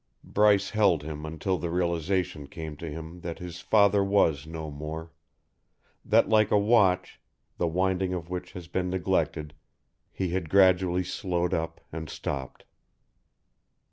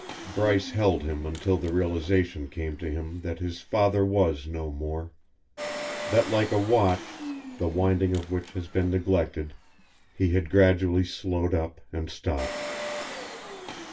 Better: first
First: none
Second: background sound (Engine); 13 dB below the speech // room echo; dies away in 0.1 s

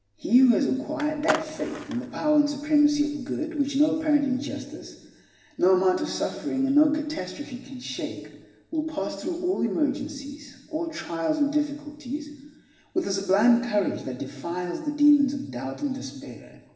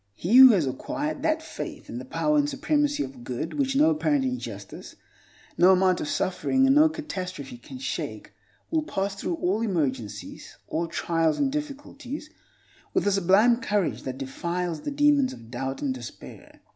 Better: second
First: background sound (Skateboard); 7 dB below the speech // room echo; dies away in 1.1 s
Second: none

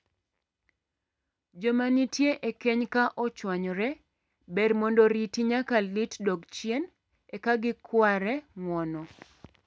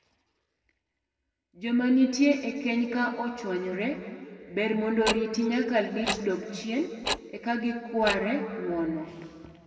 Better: first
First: none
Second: background sound (Tick-tock); 8 dB below the speech // room echo; dies away in 2.1 s

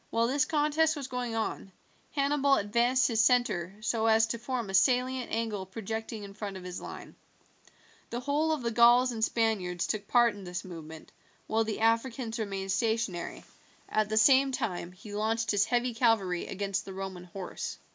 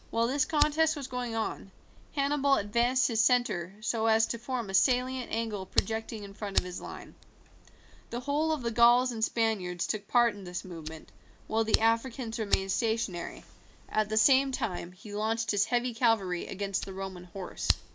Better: first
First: none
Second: background sound (Fire); 10 dB below the speech

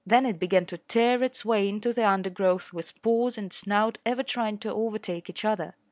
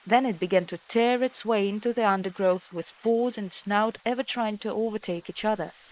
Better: first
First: none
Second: noise reduction (neural mask model Resemble Enhance denoiser)

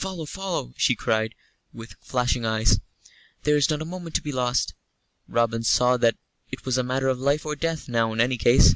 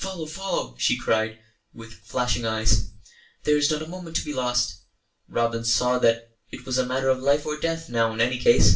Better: first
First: none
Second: room echo; dies away in 0.3 s

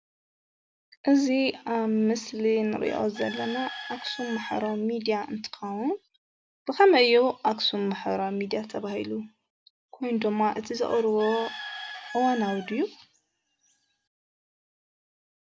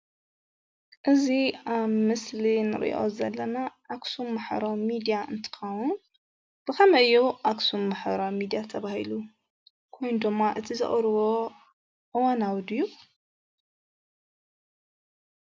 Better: second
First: background sound (Bird / Chicken, rooster); 15 dB below the speech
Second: none

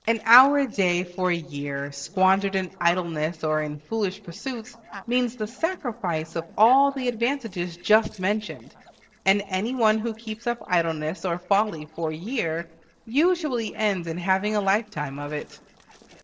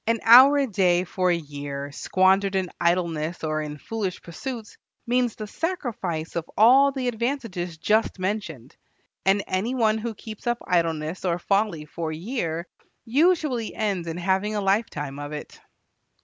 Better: second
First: noise reduction (neural separator model SepFormer DNS4)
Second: none

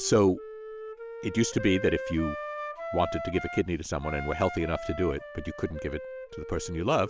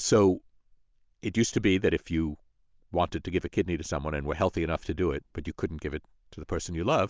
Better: second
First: background sound (Wind instrument, woodwind instrument); 9 dB below the speech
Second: none

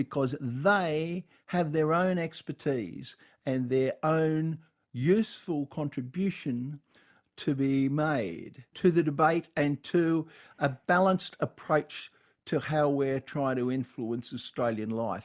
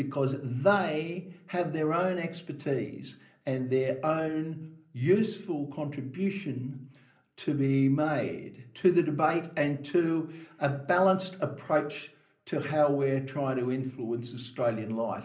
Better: first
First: none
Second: room echo; dies away in 0.5 s

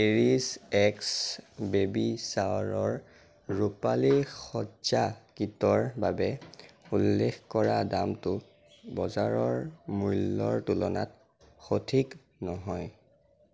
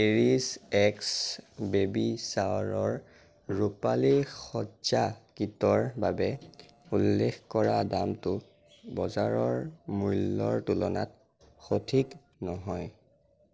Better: first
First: none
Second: noise reduction (neural separator model SepFormer DNS4)

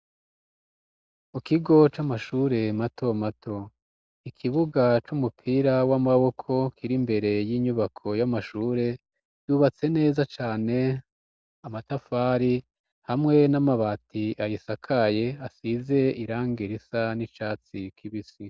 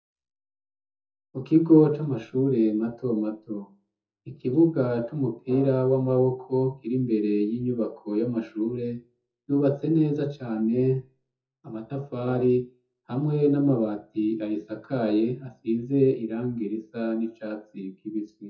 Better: first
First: none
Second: noise reduction (classical method WPE with log-MMSE)

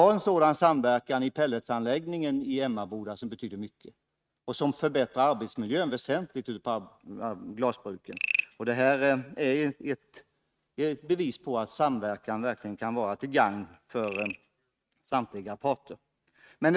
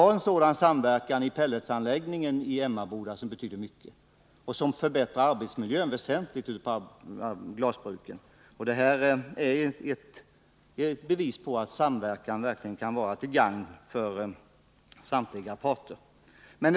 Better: second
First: noise reduction (neural mask model RNNoise)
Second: none

